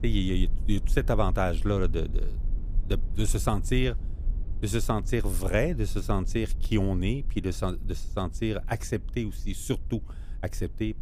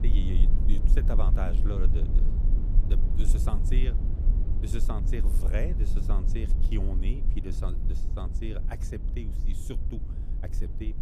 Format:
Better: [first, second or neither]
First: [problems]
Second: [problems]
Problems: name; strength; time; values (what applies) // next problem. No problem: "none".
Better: first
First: low rumble; faint; throughout; 20 dB below the speech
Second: low rumble; loud; throughout; 5 dB below the speech